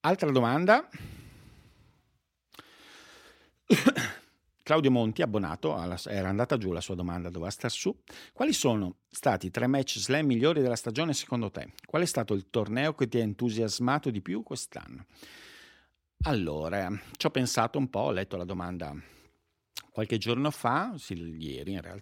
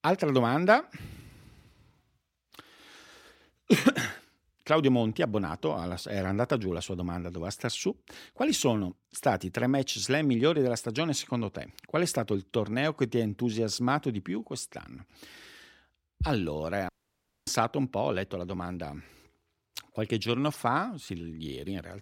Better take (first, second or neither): first